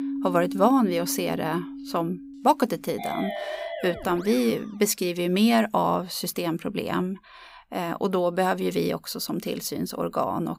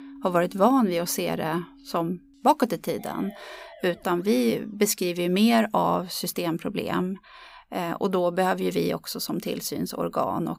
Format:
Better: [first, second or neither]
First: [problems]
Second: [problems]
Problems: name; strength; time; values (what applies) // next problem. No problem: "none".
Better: second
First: background music; loud; until 4 s; 9 dB below the speech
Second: background music; faint; until 4 s; 25 dB below the speech